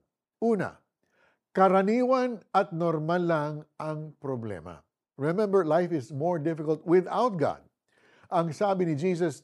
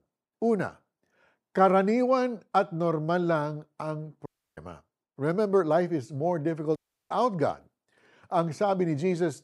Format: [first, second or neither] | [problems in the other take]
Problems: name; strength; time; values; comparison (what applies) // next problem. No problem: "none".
first | audio cutting out; at 4.5 s and at 7 s